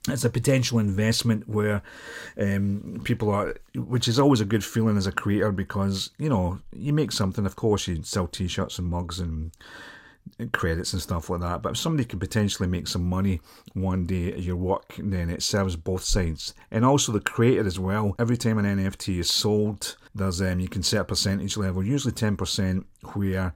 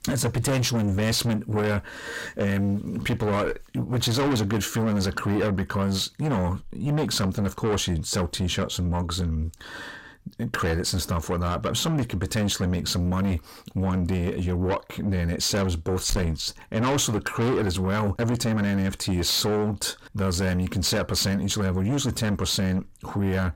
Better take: first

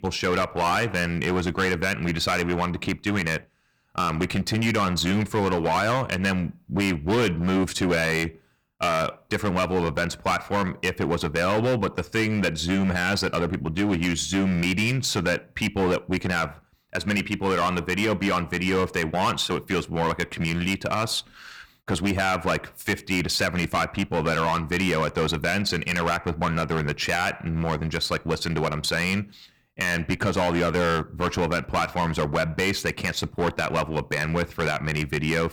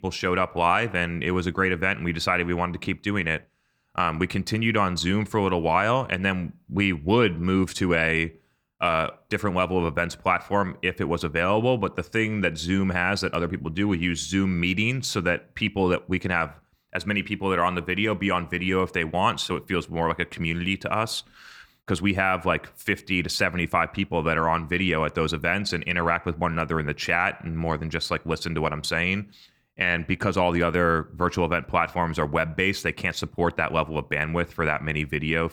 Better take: second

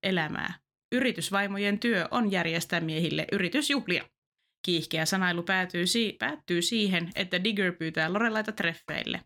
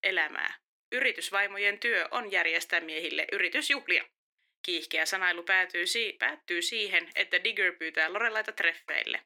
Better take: first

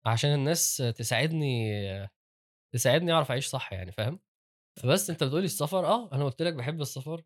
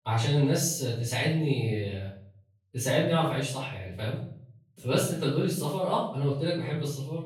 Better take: first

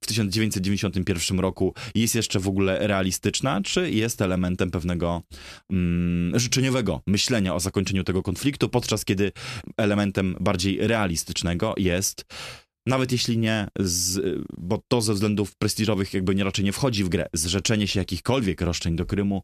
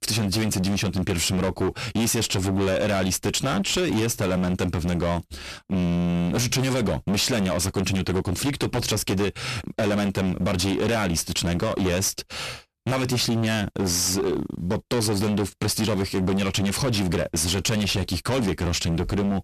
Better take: first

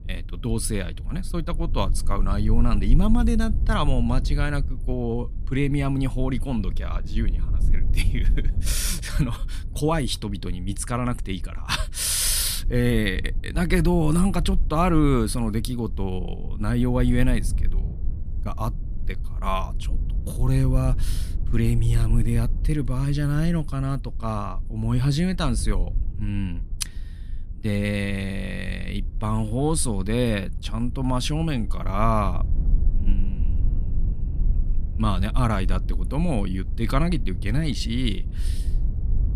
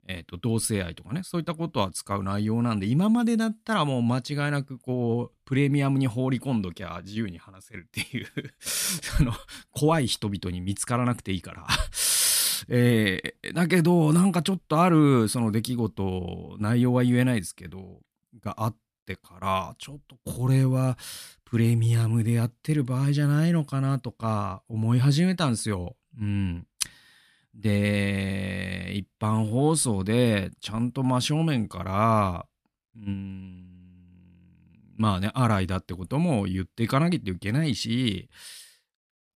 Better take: second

